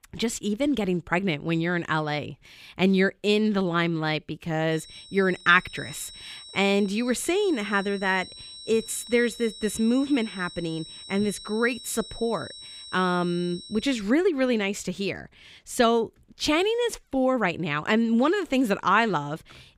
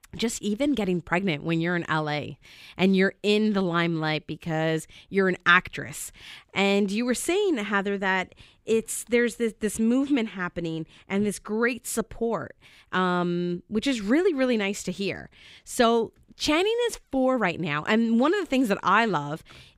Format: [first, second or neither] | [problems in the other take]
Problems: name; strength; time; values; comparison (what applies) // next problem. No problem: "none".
second | high-pitched whine; noticeable; from 4.5 to 14 s; 4 kHz, 15 dB below the speech